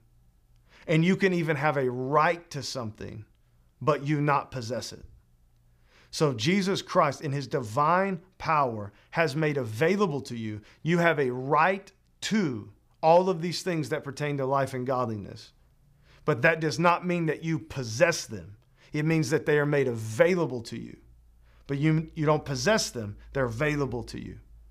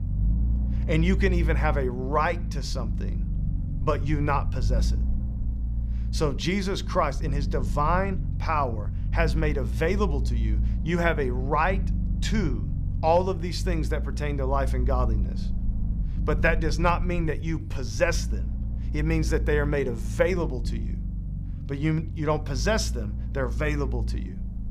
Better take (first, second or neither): first